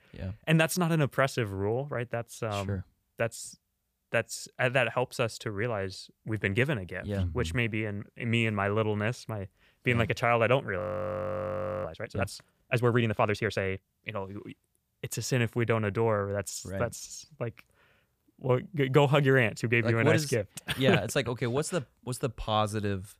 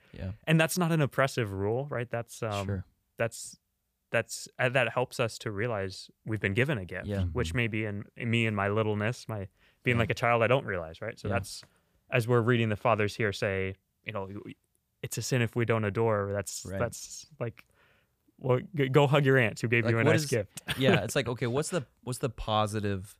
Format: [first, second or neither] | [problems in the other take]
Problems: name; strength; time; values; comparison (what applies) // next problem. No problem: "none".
second | audio freezing; at 11 s for 1 s